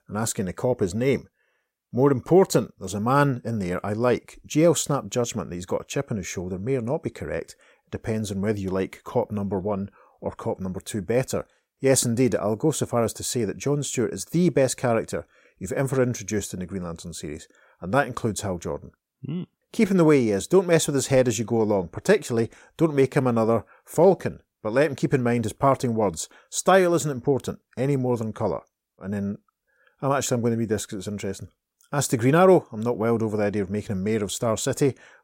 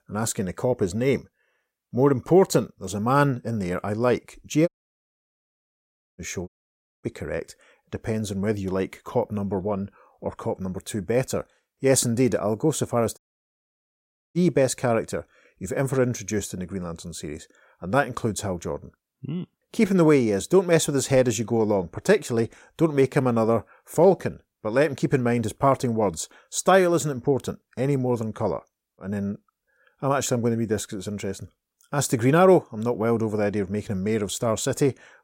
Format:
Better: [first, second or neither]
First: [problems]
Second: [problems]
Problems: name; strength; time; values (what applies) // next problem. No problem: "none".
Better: first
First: none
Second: audio cutting out; at 4.5 s for 1.5 s, at 6.5 s for 0.5 s and at 13 s for 1 s